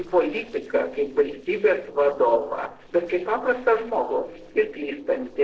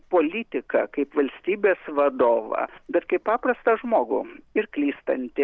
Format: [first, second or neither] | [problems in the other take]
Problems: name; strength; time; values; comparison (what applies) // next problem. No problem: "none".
second | noise reduction (neural separator model SepFormer DNS4)